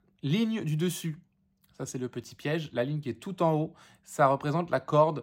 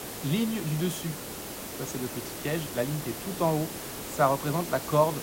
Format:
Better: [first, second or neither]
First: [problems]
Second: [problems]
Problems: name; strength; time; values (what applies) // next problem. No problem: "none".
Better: first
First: none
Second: hiss; loud; throughout; 7 dB below the speech